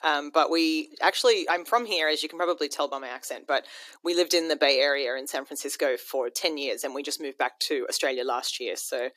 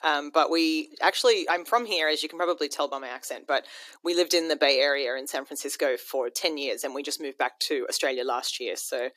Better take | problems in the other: neither | thin; somewhat; fading below 300 Hz; the same in both

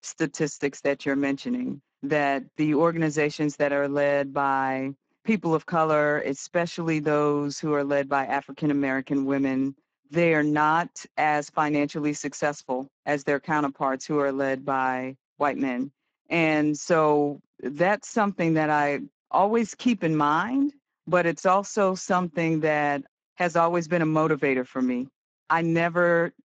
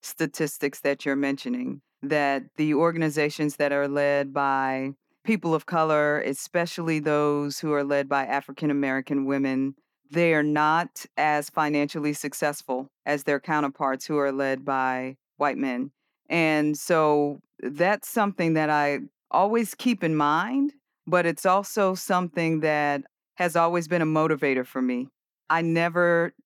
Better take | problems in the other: second | garbled, watery; badly; nothing above 7.5 kHz

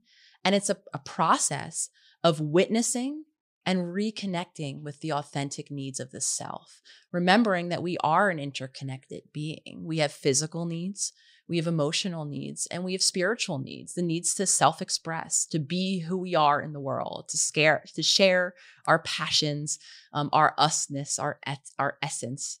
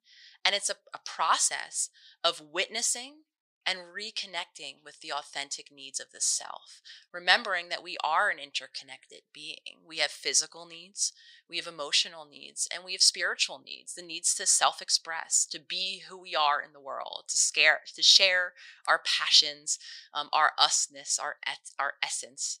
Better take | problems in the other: first | thin; very; fading below 850 Hz

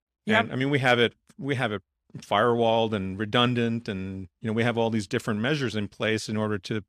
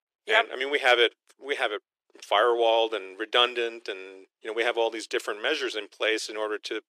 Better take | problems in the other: first | thin; very; fading below 350 Hz

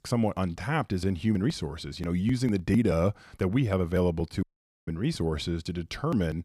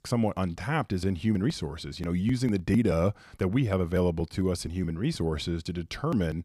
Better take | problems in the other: second | audio cutting out; at 4.5 s

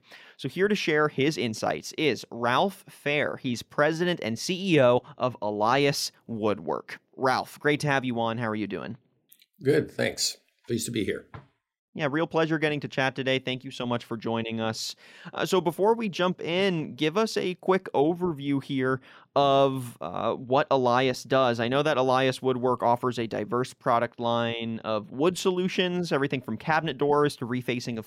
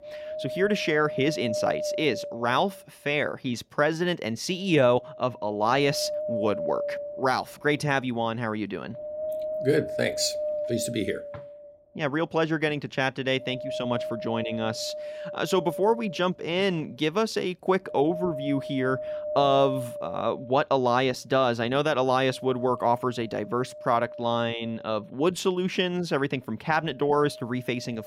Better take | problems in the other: first | wind noise on the microphone; heavy; 7 dB below the speech

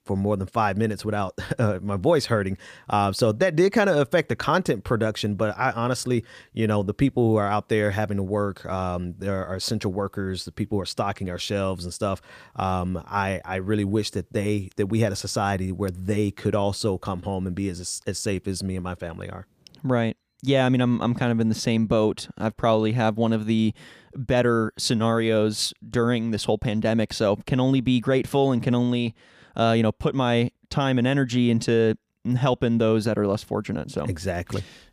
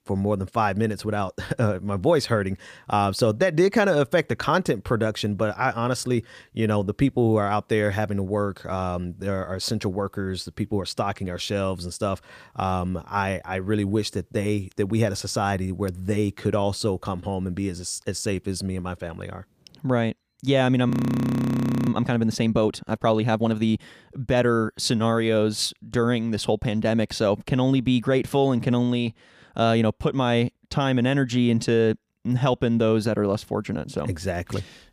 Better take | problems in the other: first | audio freezing; at 21 s for 1 s

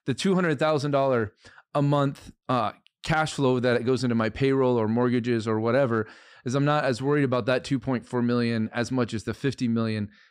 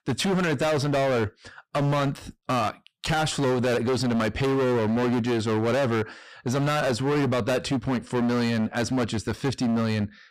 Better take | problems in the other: first | distortion; heavy; 29% of the sound clipped

